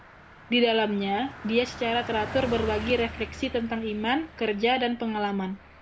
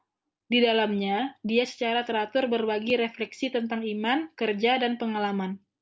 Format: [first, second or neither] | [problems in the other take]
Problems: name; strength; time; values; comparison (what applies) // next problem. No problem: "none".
second | background sound (Car passing by); 13 dB below the speech